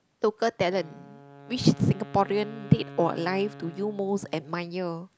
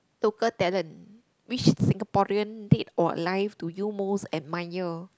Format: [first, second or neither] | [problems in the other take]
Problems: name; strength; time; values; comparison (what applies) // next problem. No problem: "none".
second | background sound (Wind instrument, woodwind instrument); 18 dB below the speech